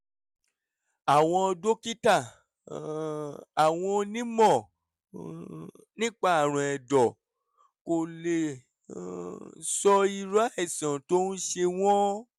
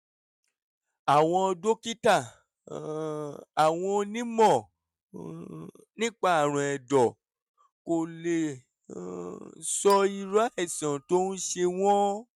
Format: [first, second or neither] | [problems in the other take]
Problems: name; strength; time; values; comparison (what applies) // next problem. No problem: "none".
first | noise reduction (neural mask model RNNoise)